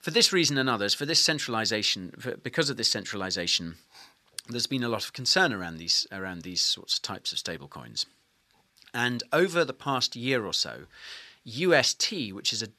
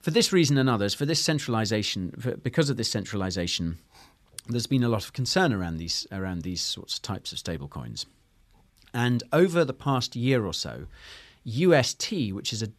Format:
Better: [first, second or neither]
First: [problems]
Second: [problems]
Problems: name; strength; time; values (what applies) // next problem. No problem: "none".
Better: second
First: thin; very slightly; fading below 400 Hz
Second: none